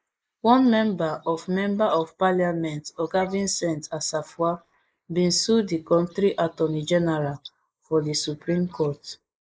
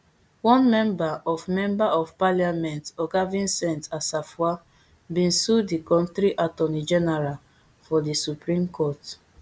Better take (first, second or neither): second